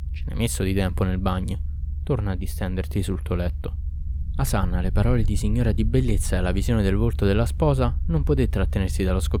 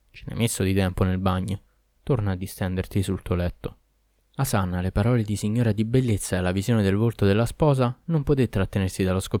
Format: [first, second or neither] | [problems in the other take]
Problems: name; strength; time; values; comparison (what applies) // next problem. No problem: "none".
second | low rumble; noticeable; throughout; 20 dB below the speech